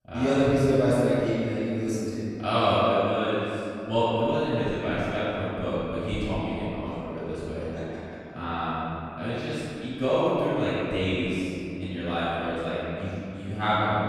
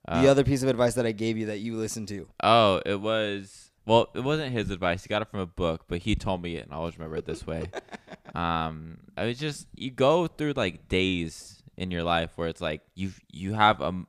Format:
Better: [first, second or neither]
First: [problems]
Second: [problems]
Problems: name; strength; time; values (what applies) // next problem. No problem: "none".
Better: second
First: off-mic speech; far // room echo; strong; dies away in 2.8 s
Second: none